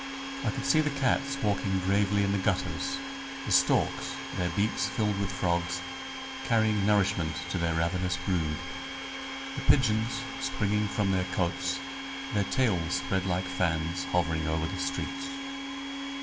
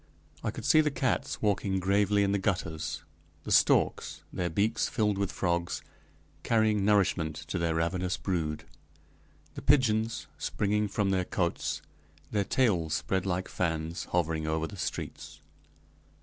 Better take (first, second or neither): second